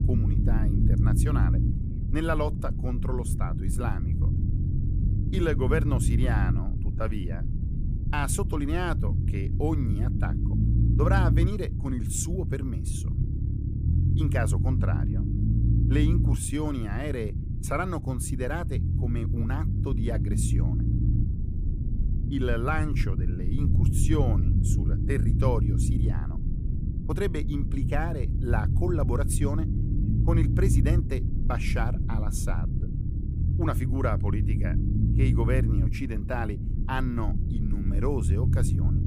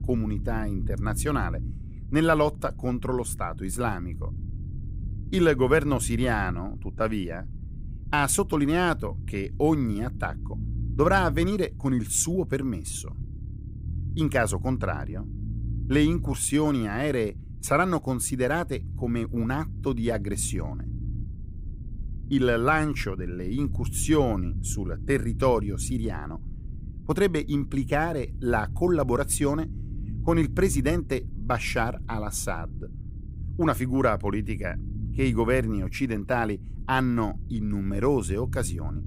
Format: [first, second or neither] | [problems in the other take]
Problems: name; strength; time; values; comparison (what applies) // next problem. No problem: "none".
second | low rumble; loud; throughout; 6 dB below the speech; faint in the second